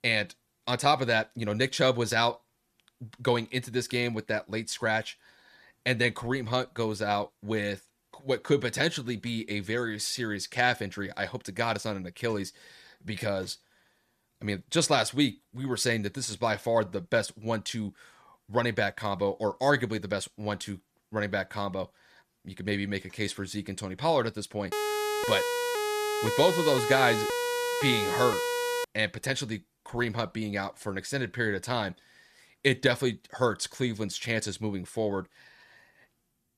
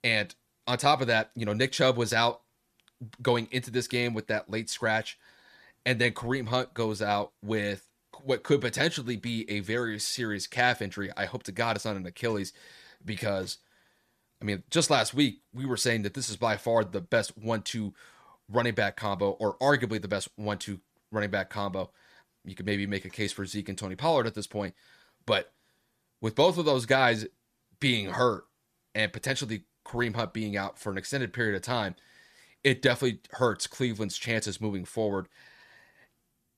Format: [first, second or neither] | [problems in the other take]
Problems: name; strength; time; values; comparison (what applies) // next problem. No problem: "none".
second | siren; loud; from 25 to 29 s; peak level with the speech